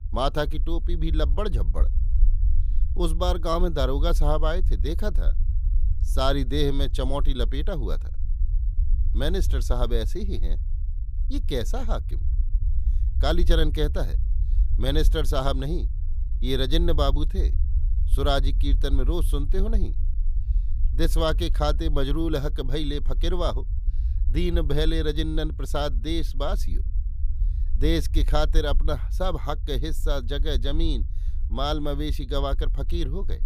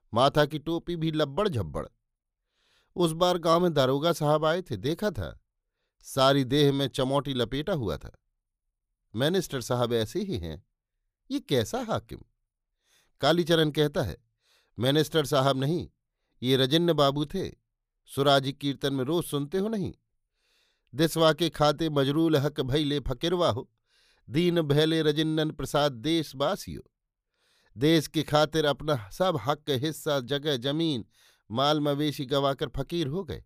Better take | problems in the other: second | low rumble; noticeable; throughout; 20 dB below the speech

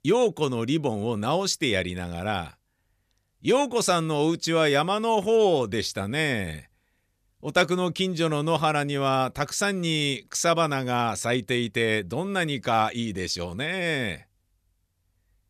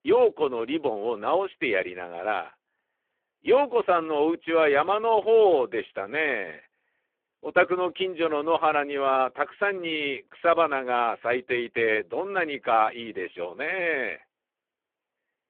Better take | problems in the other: first | phone-call audio; poor line

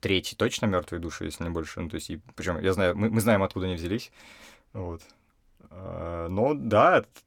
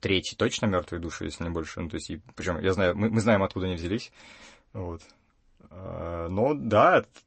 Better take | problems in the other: first | garbled, watery; slightly; nothing above 8 kHz

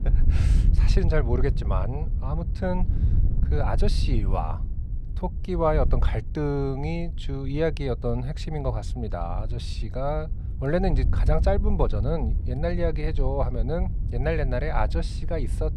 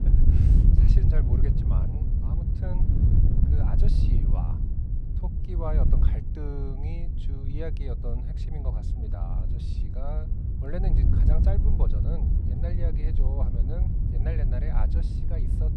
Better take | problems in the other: first | wind noise on the microphone; heavy; 1 dB above the speech; occasional gusts in the first

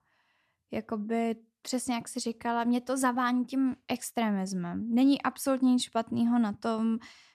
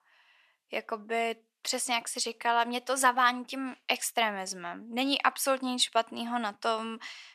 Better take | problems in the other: first | thin; somewhat; fading below 600 Hz

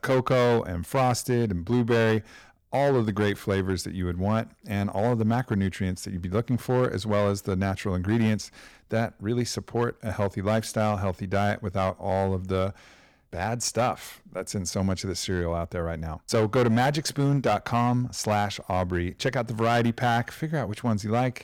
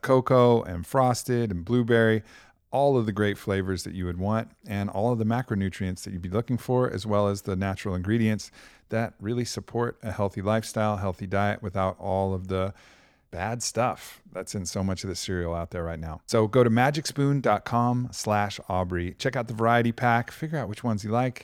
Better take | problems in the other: second | distortion; slight; 7% of the sound clipped

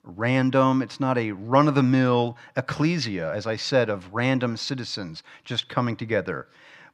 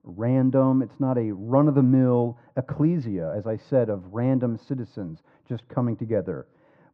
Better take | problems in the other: first | muffled; very; fading above 1.5 kHz

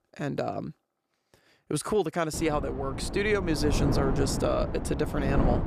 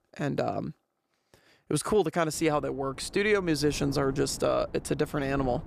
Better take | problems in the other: second | wind noise on the microphone; heavy; from 2.5 s on; 6 dB below the speech; occasional gusts in the second

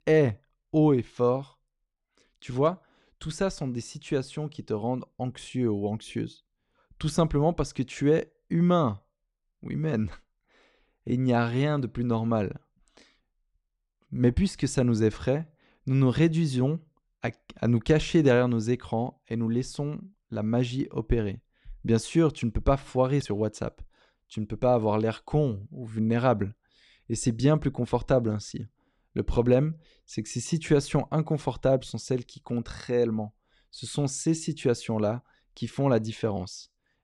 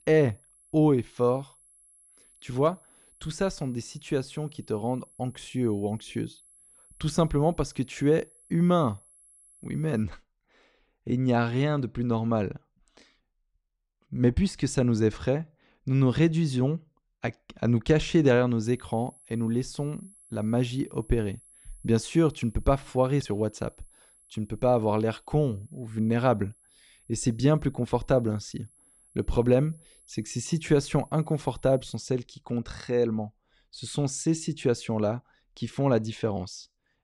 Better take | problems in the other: first | high-pitched whine; faint; until 10 s and from 19 to 32 s; 11 kHz, 30 dB below the speech

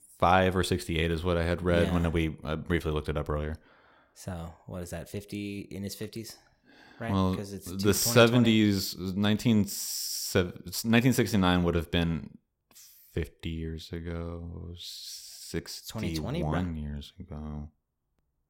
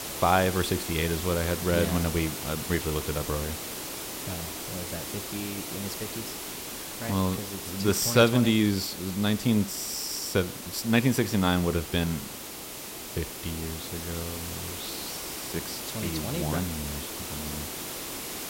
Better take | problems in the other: first | hiss; loud; throughout; 7 dB below the speech

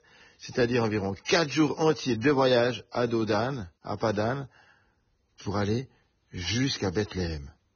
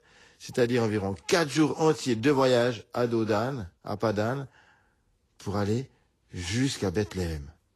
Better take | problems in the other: second | garbled, watery; badly; nothing above 6.5 kHz; slightly in the second

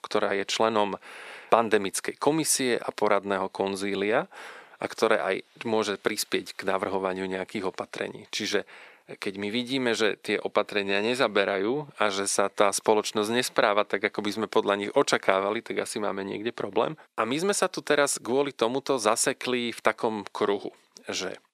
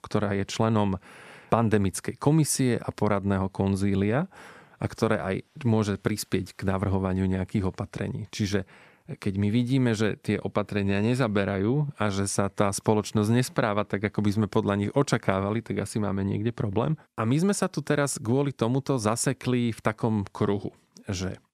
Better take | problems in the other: second | thin; somewhat; fading below 450 Hz

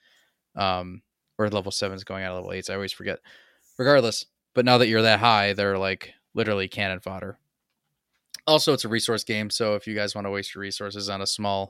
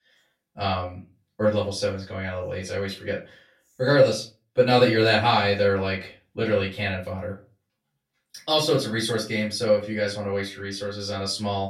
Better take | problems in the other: first | off-mic speech; far // room echo; slight; dies away in 0.3 s

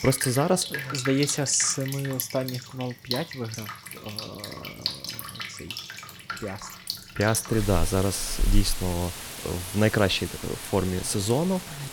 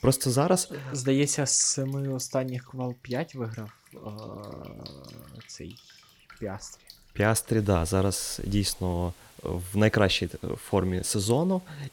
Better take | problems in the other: second | rain or running water; loud; throughout; 8 dB below the speech; faint in the second

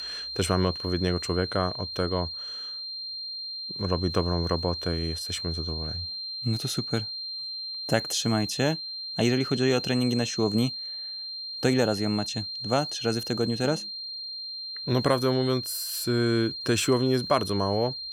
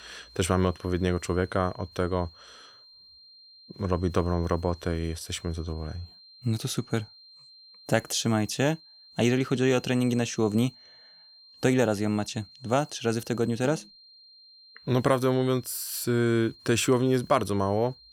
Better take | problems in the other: second | high-pitched whine; loud; throughout; 4 kHz, 5 dB below the speech; faint in the second

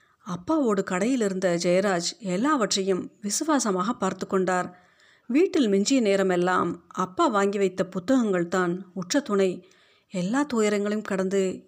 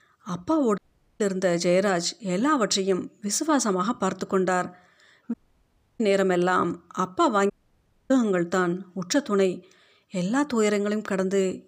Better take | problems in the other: first | audio cutting out; at 1 s, at 5.5 s for 0.5 s and at 7.5 s for 0.5 s

